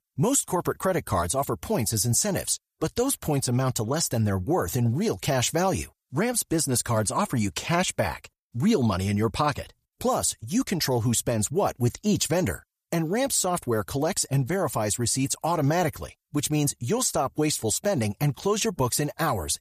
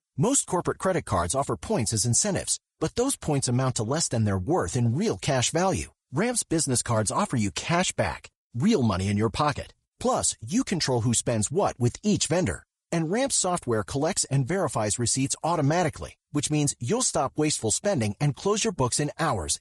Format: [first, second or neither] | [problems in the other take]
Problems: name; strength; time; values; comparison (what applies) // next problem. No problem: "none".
first | garbled, watery; slightly; nothing above 10 kHz